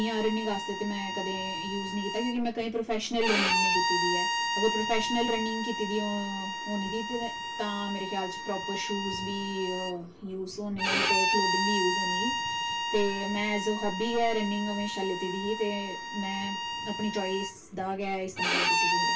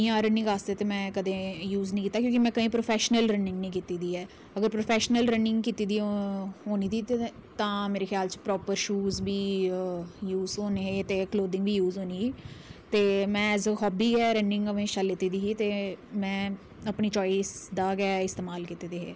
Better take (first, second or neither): second